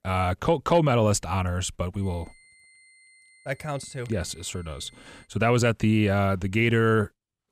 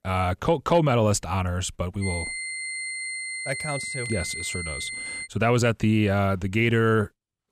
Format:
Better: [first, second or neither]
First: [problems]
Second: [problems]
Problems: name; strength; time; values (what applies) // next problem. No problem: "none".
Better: first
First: high-pitched whine; faint; from 2 to 5.5 s; 2 kHz, 30 dB below the speech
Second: high-pitched whine; loud; from 2 to 5.5 s; 2 kHz, 6 dB below the speech